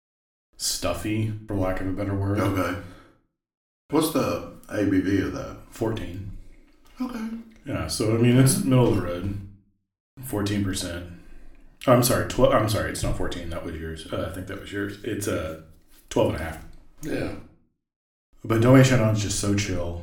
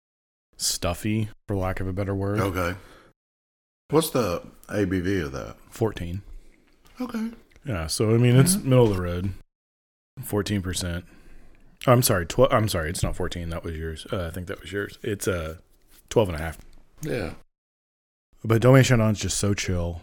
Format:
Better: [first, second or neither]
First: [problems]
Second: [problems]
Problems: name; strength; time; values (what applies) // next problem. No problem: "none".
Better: second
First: room echo; slight; dies away in 0.4 s // off-mic speech; somewhat distant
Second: none